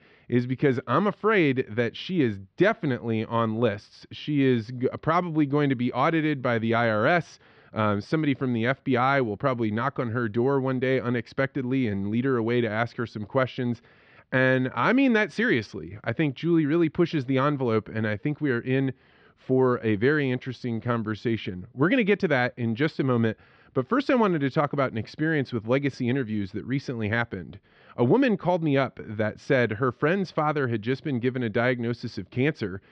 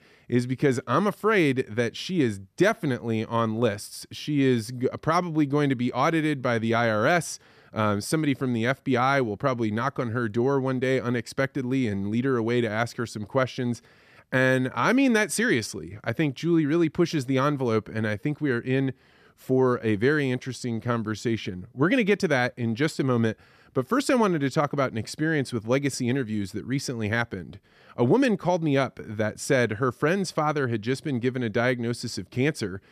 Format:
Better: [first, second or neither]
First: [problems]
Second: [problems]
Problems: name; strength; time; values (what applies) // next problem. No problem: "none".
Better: second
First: muffled; slightly; fading above 4 kHz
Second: none